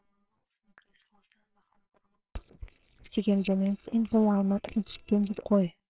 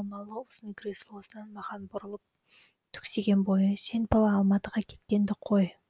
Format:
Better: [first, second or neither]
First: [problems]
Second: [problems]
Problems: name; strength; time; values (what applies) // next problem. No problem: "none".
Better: second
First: noise reduction (neural separator model SepFormer WHAMR!)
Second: none